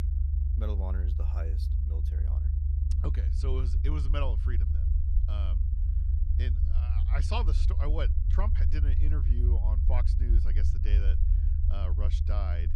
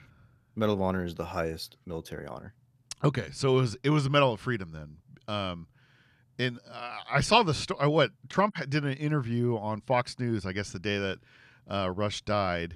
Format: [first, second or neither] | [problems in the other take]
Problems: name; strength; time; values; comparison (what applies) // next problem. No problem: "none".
second | low rumble; loud; throughout; 5 dB below the speech